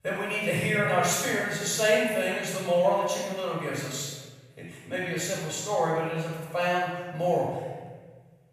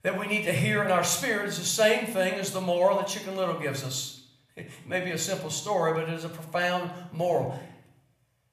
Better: second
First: room echo; strong; dies away in 1.2 s // off-mic speech; far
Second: room echo; slight; dies away in 0.6 s

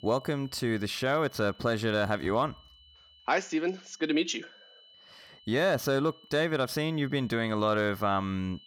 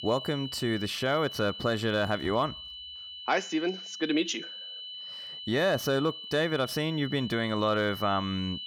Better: first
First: high-pitched whine; faint; throughout; 3 kHz, 25 dB below the speech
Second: high-pitched whine; loud; throughout; 3 kHz, 10 dB below the speech

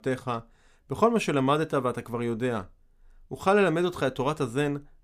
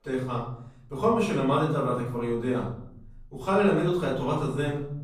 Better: first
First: none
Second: off-mic speech; far // room echo; noticeable; dies away in 0.9 s

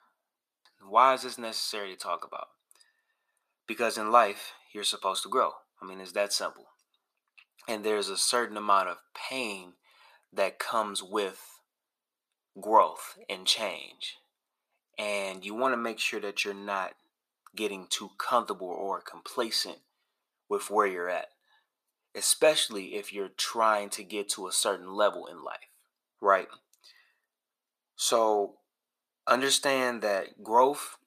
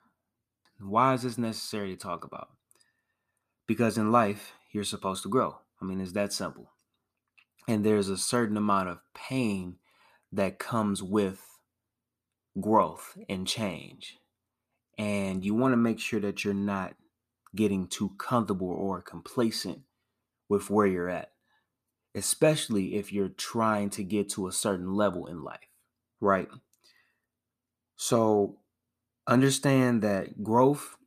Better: second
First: thin; very; fading below 650 Hz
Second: none

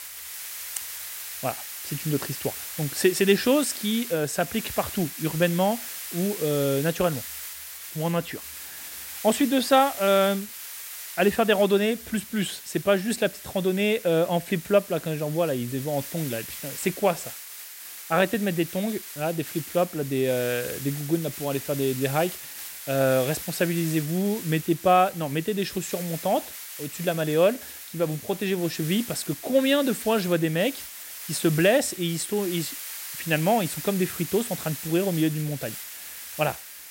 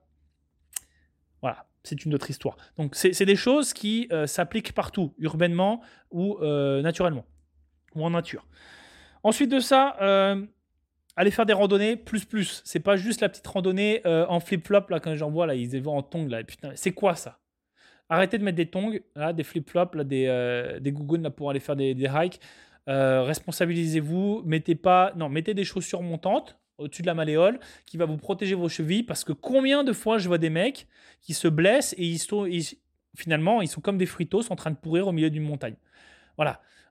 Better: second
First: hiss; loud; throughout; 10 dB below the speech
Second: none

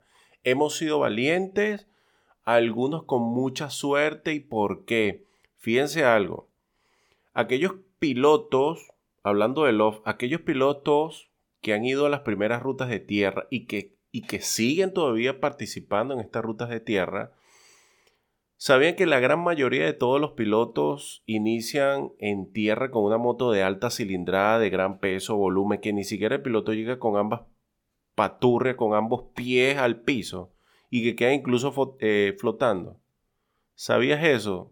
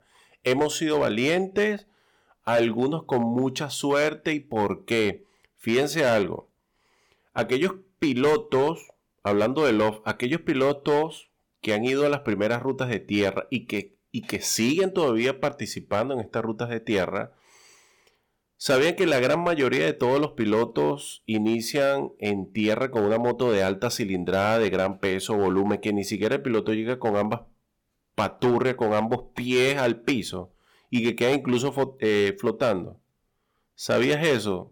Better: first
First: none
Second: distortion; slight; 5% of the sound clipped

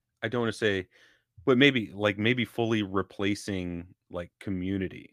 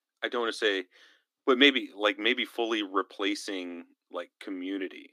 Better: first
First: none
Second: thin; very slightly; fading below 250 Hz

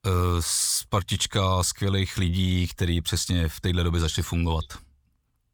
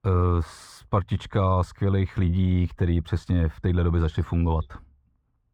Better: first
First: none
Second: muffled; very; fading above 3 kHz

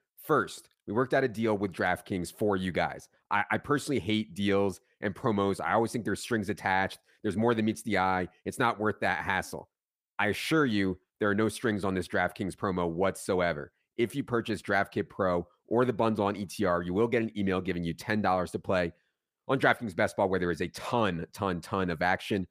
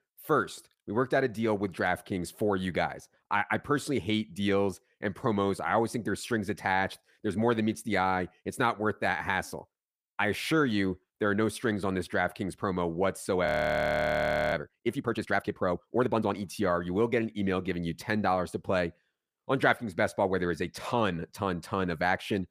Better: first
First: none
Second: audio freezing; at 13 s for 1 s

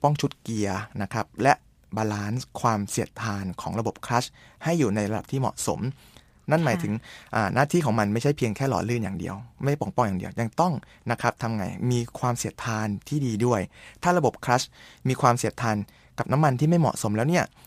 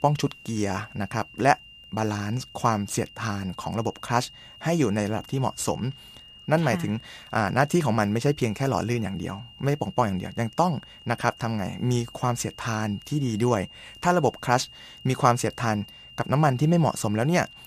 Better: first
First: none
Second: high-pitched whine; noticeable; throughout; 3 kHz, 20 dB below the speech

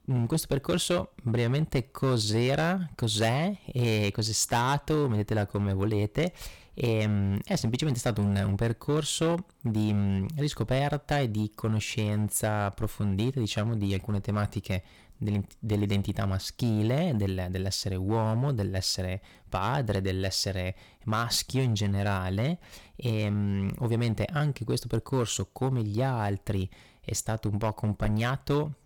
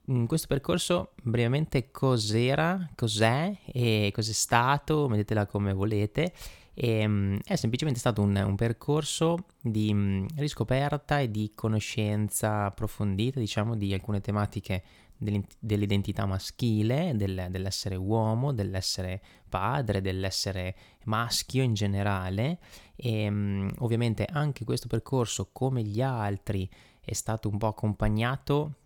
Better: second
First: distortion; slight; 6% of the sound clipped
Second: none

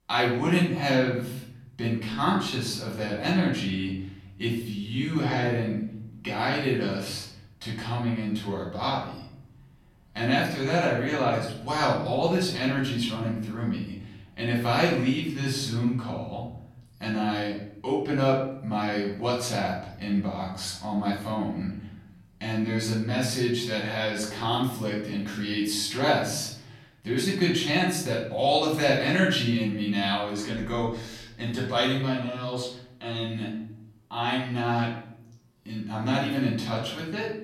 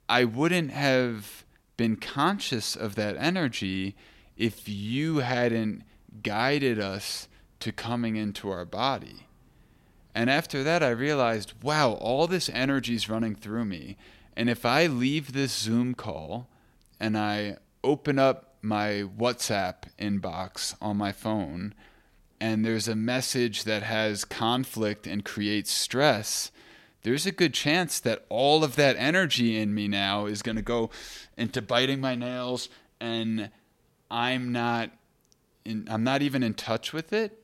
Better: second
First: off-mic speech; far // room echo; noticeable; dies away in 0.8 s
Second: none

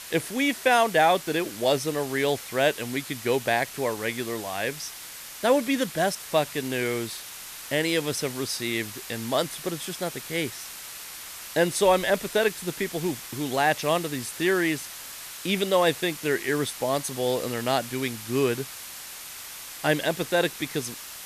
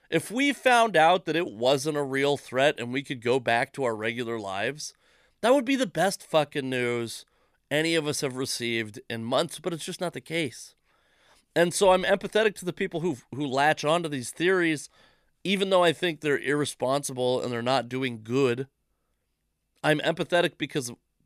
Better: second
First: hiss; noticeable; throughout; 10 dB below the speech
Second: none

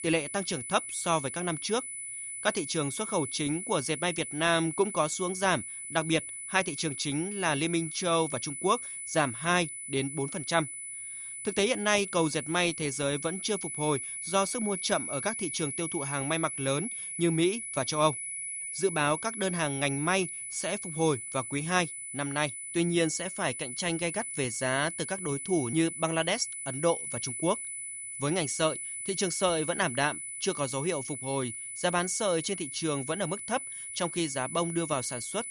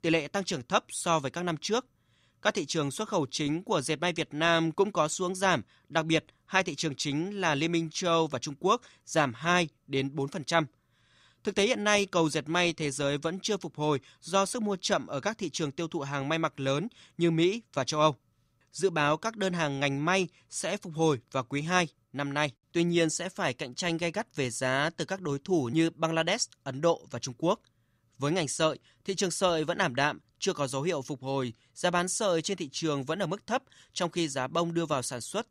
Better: second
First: high-pitched whine; loud; throughout; 10 kHz, 6 dB below the speech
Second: none

